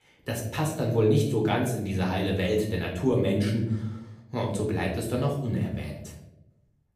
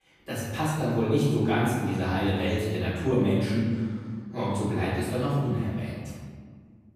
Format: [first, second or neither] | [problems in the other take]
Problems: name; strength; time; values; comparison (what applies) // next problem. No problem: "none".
first | room echo; strong; dies away in 1.6 s; slight in the first // off-mic speech; far; far in the first